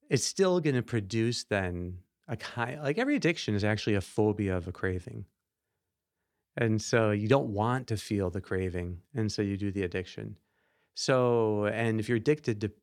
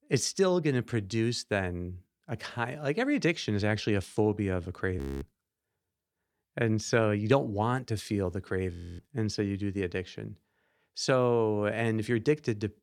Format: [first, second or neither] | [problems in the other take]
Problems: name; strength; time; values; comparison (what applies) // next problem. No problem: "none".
first | audio freezing; at 5 s and at 8.5 s